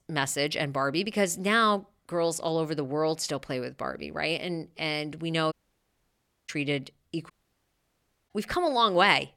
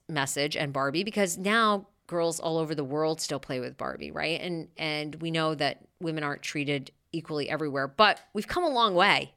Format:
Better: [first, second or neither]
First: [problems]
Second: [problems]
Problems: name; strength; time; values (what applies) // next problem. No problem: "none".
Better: second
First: audio cutting out; at 5.5 s for 1 s and at 7.5 s for 1 s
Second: none